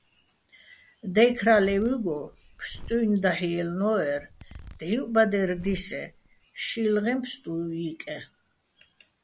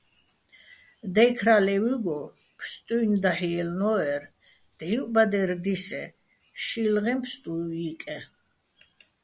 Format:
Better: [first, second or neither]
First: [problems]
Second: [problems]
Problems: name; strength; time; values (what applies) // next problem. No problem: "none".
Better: second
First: background sound (Zipper (clothing)); 18 dB below the speech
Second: none